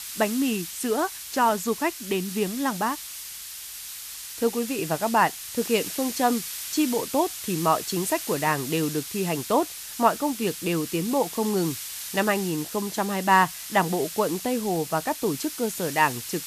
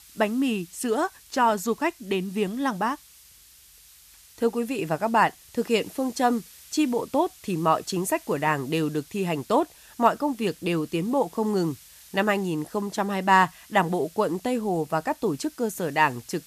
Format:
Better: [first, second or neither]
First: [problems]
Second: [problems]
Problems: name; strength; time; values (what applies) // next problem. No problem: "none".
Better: second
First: hiss; loud; throughout; 8 dB below the speech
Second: hiss; faint; throughout; 25 dB below the speech